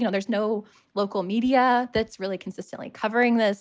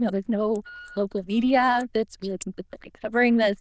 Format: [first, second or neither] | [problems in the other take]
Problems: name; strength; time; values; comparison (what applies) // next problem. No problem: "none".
first | noise reduction (neural diffusion model UNIVERSE++)